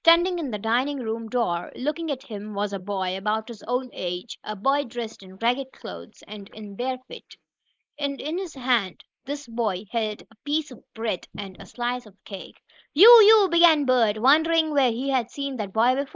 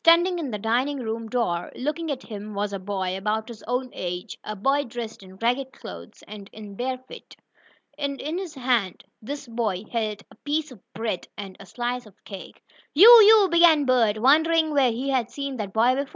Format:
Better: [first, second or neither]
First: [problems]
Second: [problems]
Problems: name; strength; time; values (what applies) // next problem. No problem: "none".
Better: second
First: noise reduction (neural mask model Resemble Enhance denoiser)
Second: none